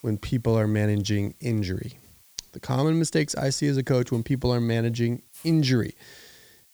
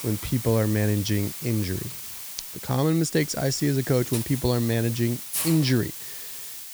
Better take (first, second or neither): first